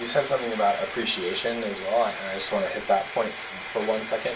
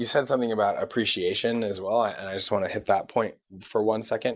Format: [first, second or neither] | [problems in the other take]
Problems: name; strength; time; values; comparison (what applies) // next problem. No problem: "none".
second | background sound (Frying (food)); 9 dB below the speech // room echo; dies away in 0.3 s